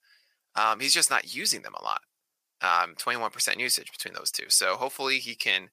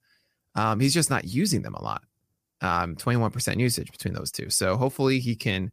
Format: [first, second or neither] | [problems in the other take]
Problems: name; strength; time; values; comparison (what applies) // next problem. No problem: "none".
second | thin; very; fading below 750 Hz